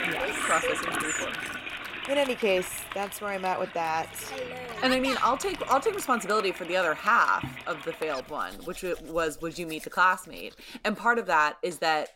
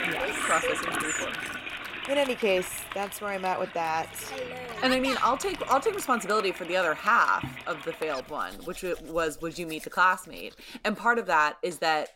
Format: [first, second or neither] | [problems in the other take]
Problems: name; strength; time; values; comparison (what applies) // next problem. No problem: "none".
neither | household noises; loud; throughout; 7 dB below the speech; the same in both